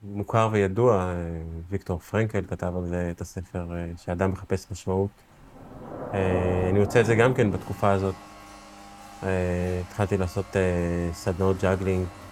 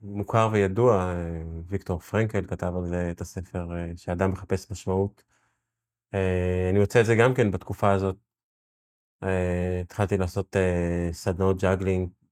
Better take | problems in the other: second | rain or running water; noticeable; throughout; 10 dB below the speech

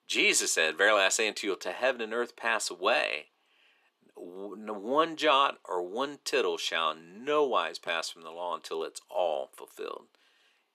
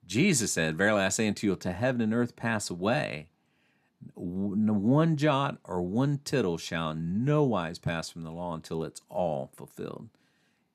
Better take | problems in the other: second | thin; very; fading below 400 Hz

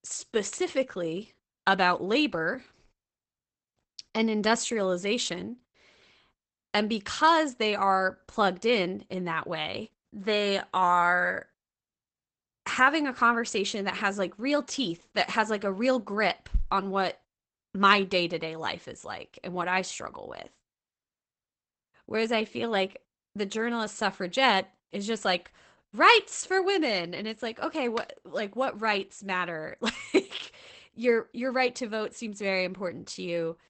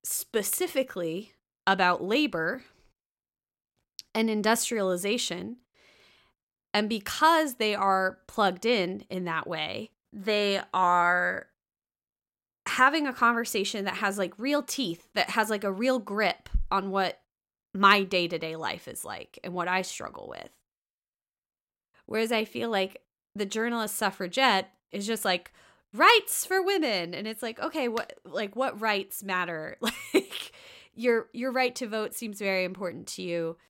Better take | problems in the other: second | garbled, watery; badly; nothing above 8 kHz

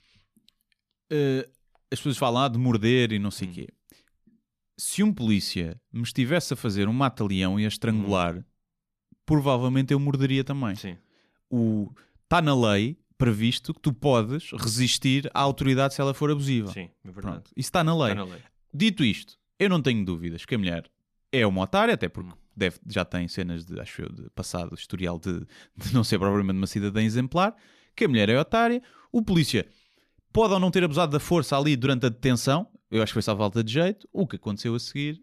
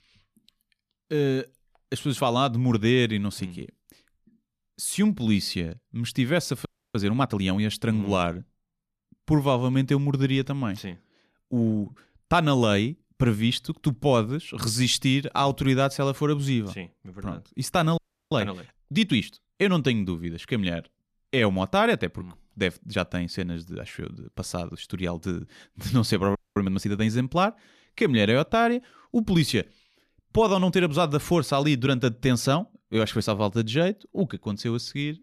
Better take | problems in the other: first | audio freezing; at 6.5 s, at 18 s and at 26 s

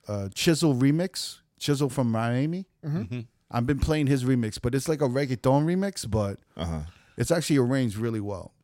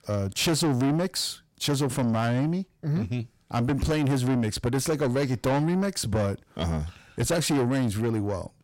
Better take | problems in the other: first | distortion; heavy; 7 dB below the speech

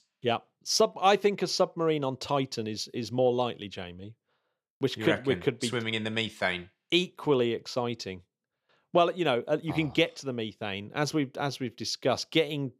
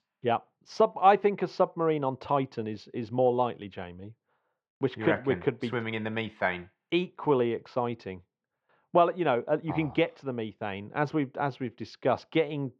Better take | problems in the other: first | muffled; very; fading above 2 kHz

